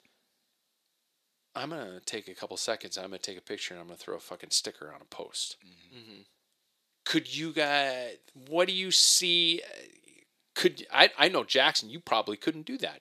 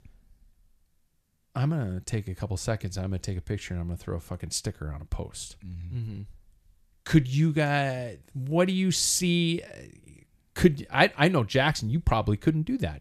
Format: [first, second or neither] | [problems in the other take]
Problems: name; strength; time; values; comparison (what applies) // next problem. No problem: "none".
second | thin; very; fading below 350 Hz